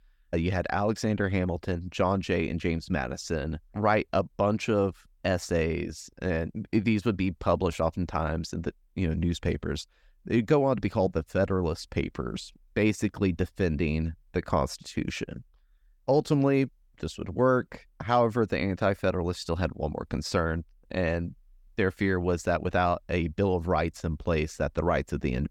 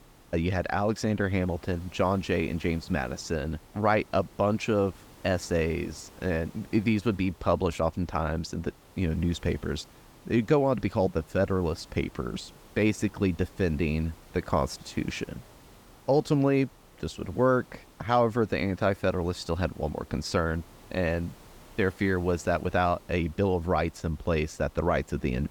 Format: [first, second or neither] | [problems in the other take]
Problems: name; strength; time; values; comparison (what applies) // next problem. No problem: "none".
first | hiss; faint; throughout; 25 dB below the speech